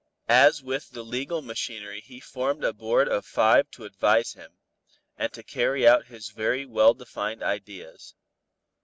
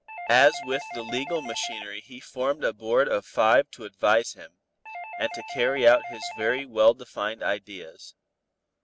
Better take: first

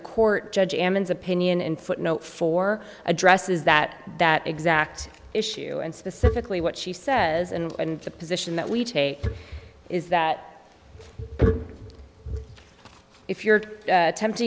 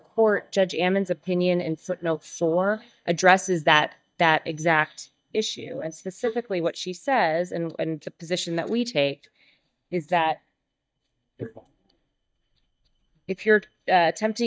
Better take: first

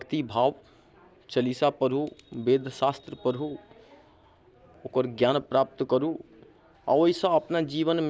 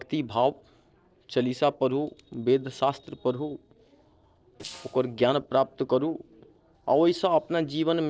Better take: first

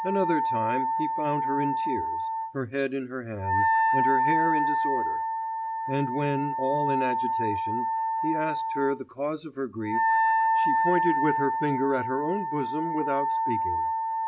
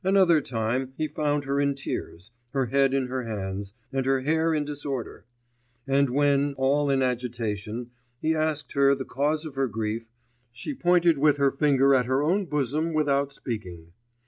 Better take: second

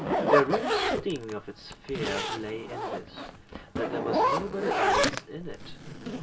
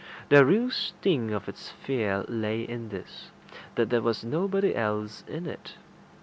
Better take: second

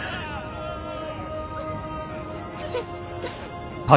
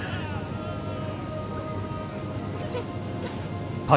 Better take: first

